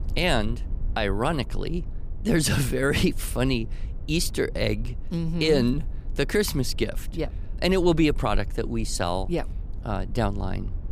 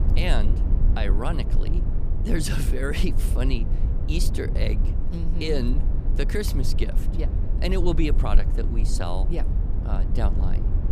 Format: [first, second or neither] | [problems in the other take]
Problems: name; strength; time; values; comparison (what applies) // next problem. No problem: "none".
first | low rumble; loud; throughout; 8 dB below the speech; faint in the first